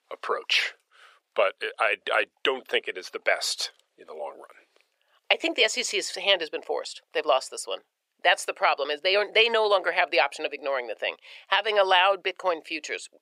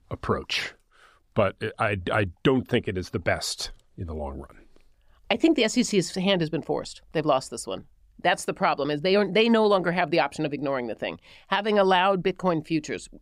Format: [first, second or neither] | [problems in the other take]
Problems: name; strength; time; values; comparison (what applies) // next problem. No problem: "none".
second | thin; very; fading below 500 Hz